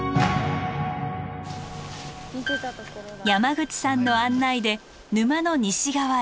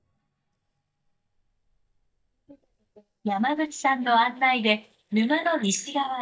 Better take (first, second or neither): first